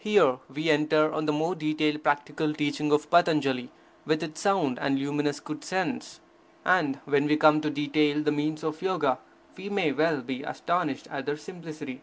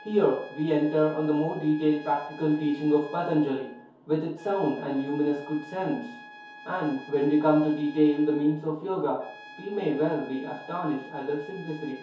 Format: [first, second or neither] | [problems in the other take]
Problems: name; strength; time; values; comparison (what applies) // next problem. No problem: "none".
first | background sound (Trumpet); 20 dB below the speech // room echo; dies away in 0.6 s